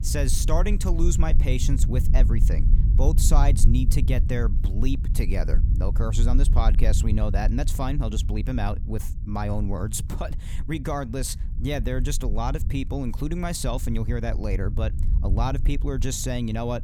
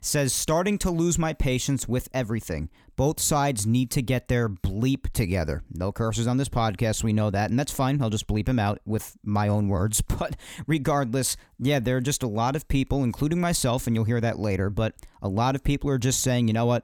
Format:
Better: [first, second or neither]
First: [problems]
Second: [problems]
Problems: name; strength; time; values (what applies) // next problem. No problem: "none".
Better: second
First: low rumble; noticeable; throughout; 10 dB below the speech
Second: none